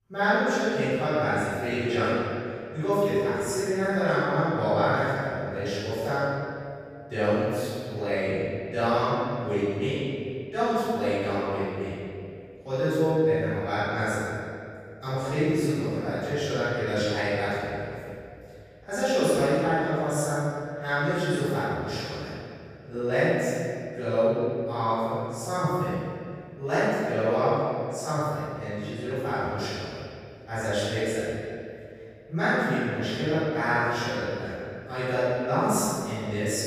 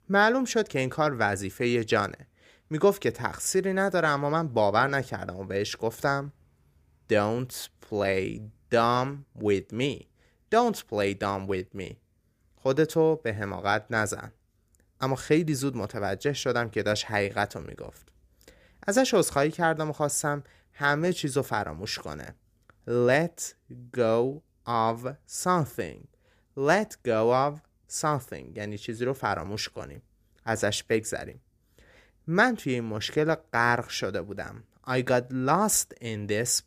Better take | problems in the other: second | off-mic speech; far // room echo; strong; dies away in 2.3 s

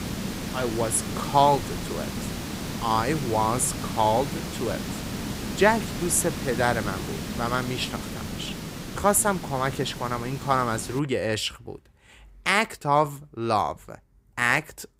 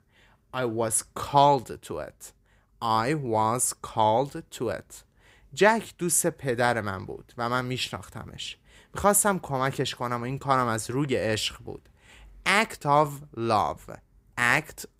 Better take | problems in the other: second | hiss; loud; until 11 s; 8 dB below the speech

